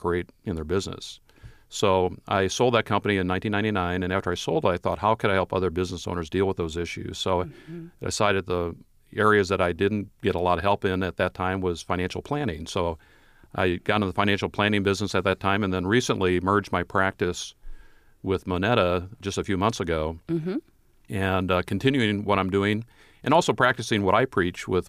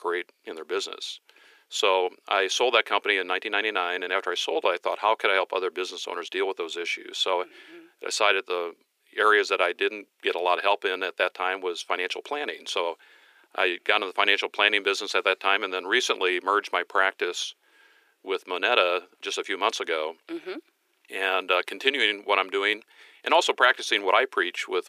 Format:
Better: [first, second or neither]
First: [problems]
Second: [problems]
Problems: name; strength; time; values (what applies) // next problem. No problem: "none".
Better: first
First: none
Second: thin; very; fading below 350 Hz